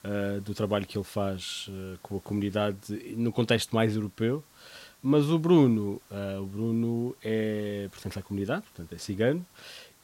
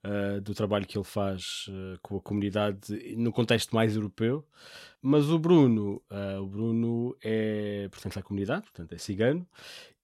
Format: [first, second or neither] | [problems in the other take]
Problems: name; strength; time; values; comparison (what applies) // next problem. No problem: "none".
second | hiss; faint; throughout; 25 dB below the speech